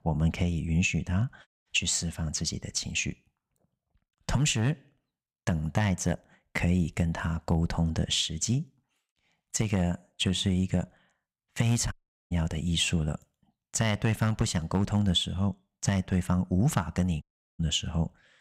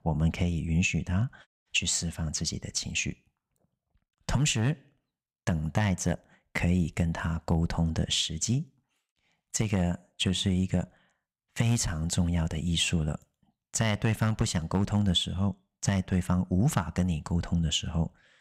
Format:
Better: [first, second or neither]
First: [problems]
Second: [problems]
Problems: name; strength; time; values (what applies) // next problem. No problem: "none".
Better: second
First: audio cutting out; at 12 s and at 17 s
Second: none